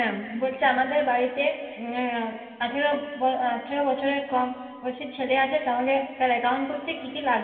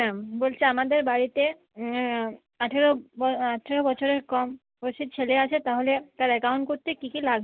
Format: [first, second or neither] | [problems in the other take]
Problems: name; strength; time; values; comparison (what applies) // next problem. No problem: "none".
second | room echo; dies away in 2.4 s